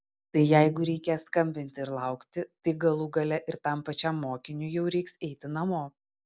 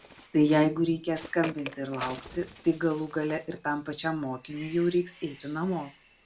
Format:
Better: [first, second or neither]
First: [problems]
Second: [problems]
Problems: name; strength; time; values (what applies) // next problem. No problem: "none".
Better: first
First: none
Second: background sound (Bird); 17 dB below the speech // room echo; dies away in 0.2 s